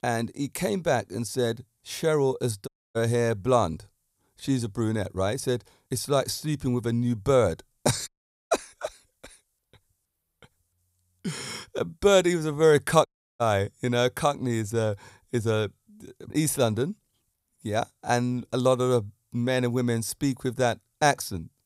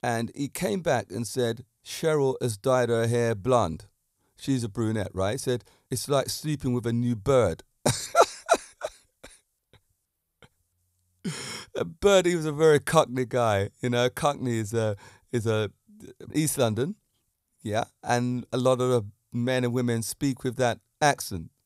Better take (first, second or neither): second